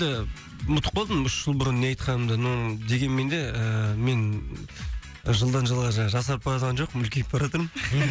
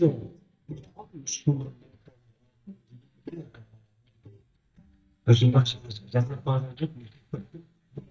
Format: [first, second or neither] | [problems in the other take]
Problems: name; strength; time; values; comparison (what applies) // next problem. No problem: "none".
first | noise reduction (neural mask model DeepFilterNet 3)